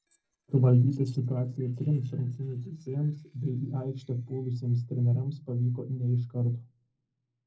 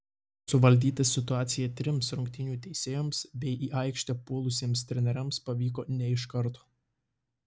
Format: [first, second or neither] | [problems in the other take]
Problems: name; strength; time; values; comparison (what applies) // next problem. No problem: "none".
second | noise reduction (neural separator model SepFormer DNS4)